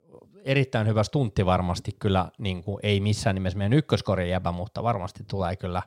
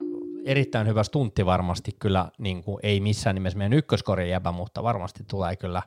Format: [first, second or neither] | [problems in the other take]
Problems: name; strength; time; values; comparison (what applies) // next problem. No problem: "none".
first | phone ringing; noticeable; at the start; peak 7 dB below the speech